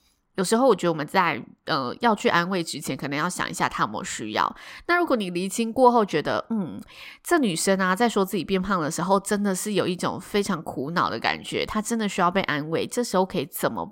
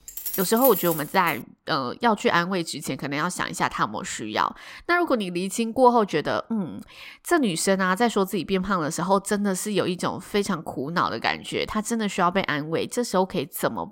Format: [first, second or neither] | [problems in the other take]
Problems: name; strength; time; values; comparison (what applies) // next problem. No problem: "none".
first | jangling keys; noticeable; until 1.5 s; peak level with the speech